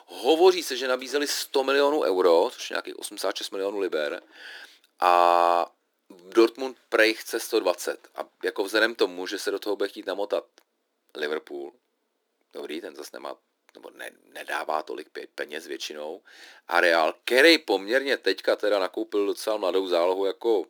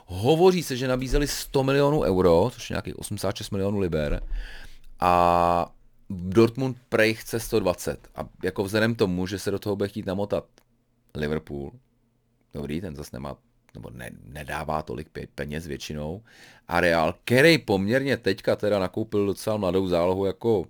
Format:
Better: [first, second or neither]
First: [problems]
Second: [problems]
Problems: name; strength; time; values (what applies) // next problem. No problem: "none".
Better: second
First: thin; somewhat; fading below 300 Hz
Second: none